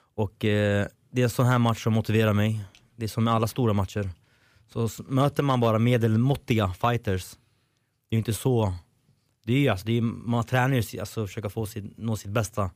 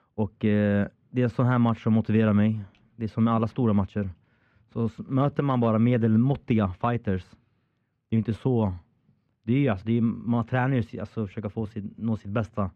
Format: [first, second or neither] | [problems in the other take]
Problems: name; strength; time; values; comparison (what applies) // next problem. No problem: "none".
first | muffled; very; fading above 2 kHz